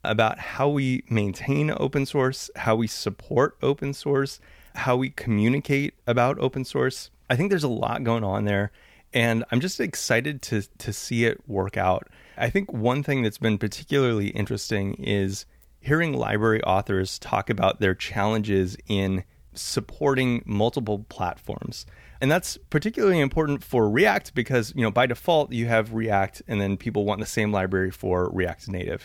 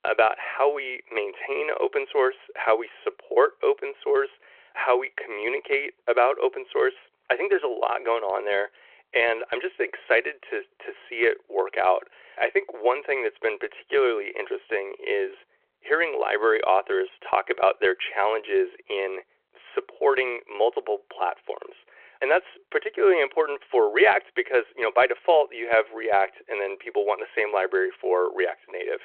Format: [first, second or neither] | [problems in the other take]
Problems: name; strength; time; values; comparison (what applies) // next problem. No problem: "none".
first | phone-call audio